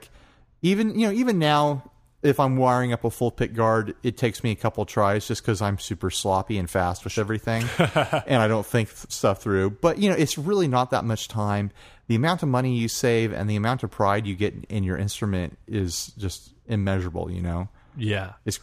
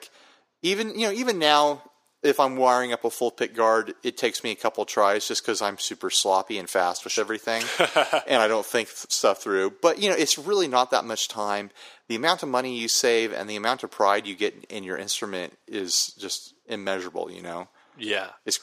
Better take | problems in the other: first | thin; somewhat; fading below 350 Hz

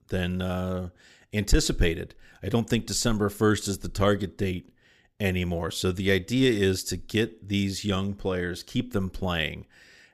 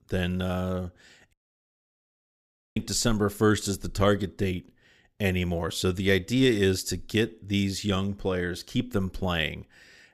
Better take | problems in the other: first | audio cutting out; at 1.5 s for 1.5 s

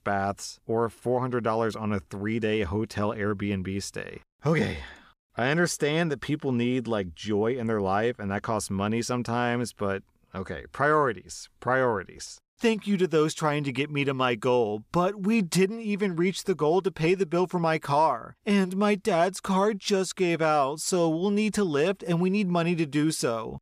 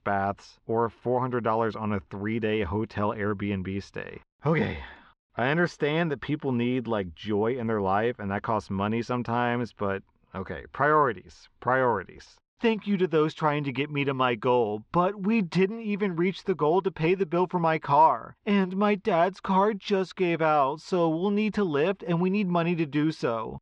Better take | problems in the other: first | muffled; slightly; fading above 3.5 kHz

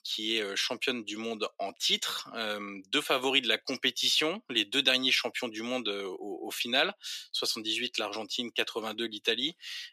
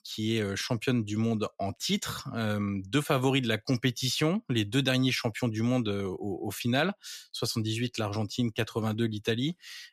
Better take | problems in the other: second | thin; somewhat; fading below 350 Hz

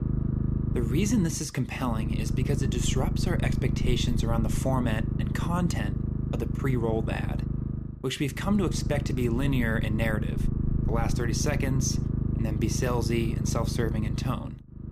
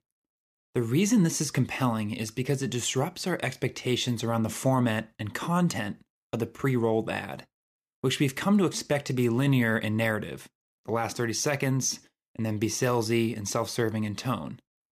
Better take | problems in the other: second | low rumble; loud; throughout; 6 dB below the speech

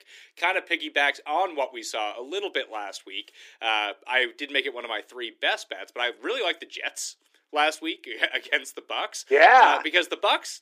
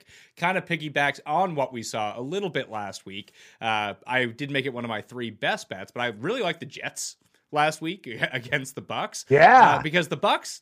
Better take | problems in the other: second | thin; somewhat; fading below 300 Hz

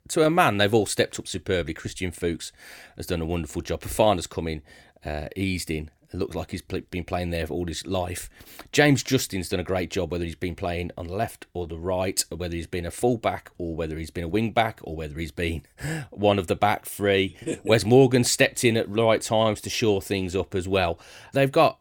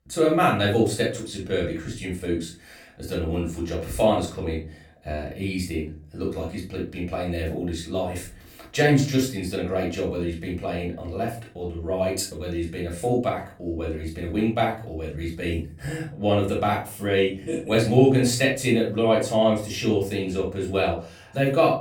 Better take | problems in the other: first | off-mic speech; far // room echo; slight; dies away in 0.3 s

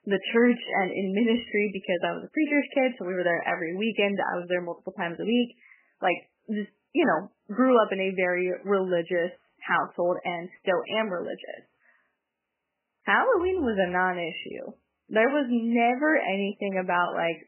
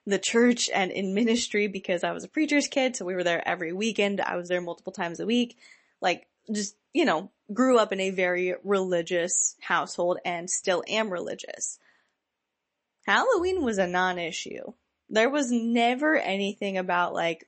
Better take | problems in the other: second | garbled, watery; badly; nothing above 3 kHz; slightly in the second

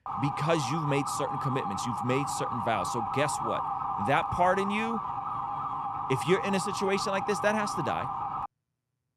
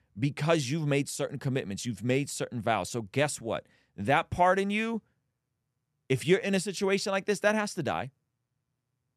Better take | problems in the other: second | siren; noticeable; until 8.5 s; peak 1 dB below the speech

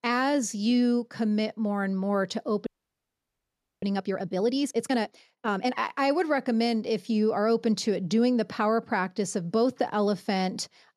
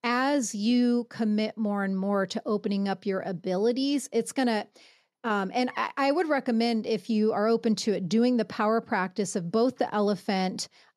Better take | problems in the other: second | audio freezing; at 2.5 s for 1 s

